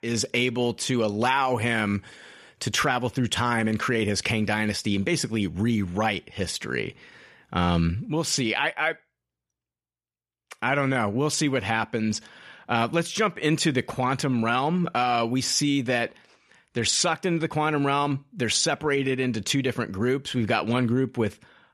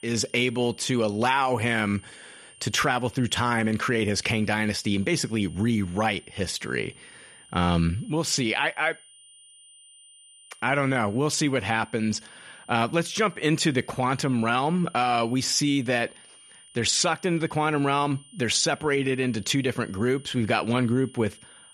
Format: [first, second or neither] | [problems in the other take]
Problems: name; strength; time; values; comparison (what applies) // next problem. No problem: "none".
first | high-pitched whine; faint; throughout; 9 kHz, 25 dB below the speech